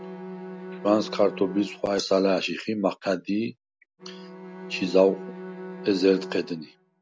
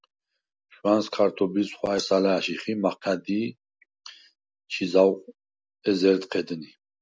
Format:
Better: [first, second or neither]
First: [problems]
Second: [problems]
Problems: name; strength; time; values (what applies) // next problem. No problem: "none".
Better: second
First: background sound (Bowed string instrument); 14 dB below the speech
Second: none